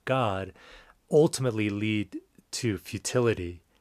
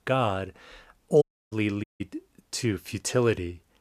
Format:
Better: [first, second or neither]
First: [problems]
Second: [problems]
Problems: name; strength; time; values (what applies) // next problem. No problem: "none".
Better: first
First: none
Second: audio cutting out; at 1 s and at 2 s